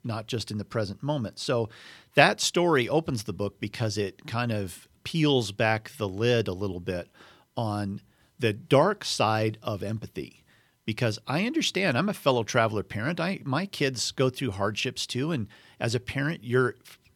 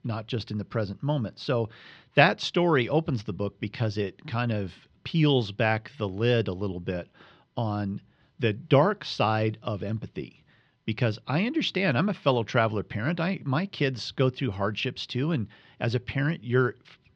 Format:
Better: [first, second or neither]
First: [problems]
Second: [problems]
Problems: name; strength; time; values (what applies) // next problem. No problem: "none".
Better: first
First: none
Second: muffled; very slightly; fading above 4.5 kHz